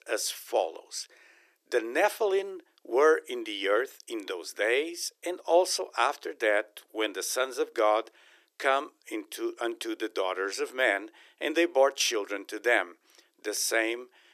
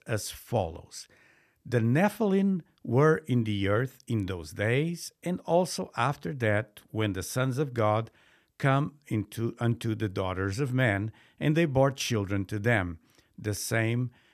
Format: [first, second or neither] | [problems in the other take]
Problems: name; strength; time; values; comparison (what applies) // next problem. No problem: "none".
second | thin; very; fading below 350 Hz